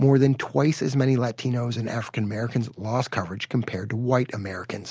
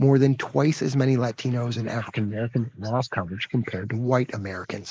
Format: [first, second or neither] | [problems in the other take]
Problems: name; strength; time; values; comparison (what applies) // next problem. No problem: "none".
first | noise reduction (neural mask model Resemble Enhance denoiser)